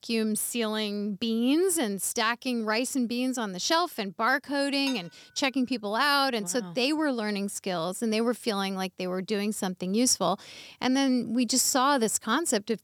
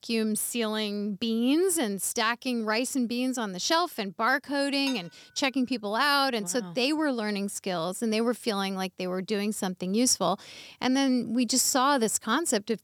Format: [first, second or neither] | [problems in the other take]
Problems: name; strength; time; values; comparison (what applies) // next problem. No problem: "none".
neither | clattering dishes; faint; at 5 s; peak 15 dB below the speech; the same in both